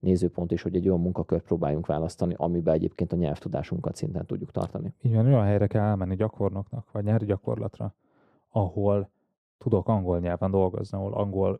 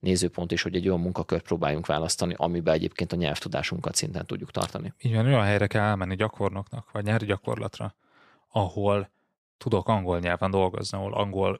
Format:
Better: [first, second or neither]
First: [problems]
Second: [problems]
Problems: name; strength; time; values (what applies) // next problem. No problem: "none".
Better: second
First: muffled; very; fading above 1 kHz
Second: none